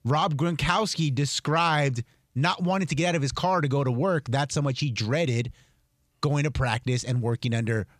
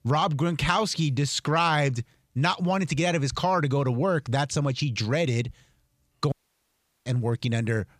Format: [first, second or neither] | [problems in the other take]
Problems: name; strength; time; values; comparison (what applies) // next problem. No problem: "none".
first | audio cutting out; at 6.5 s for 0.5 s